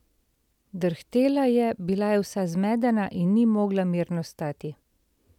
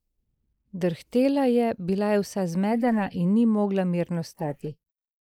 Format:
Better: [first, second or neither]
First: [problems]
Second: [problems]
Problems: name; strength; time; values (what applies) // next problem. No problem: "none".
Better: first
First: none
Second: noise reduction (neural mask model Resemble Enhance denoiser)